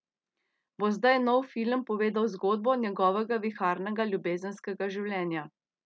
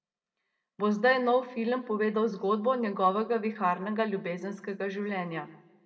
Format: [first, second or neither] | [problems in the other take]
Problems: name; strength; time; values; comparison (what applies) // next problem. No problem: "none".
first | room echo; dies away in 1.4 s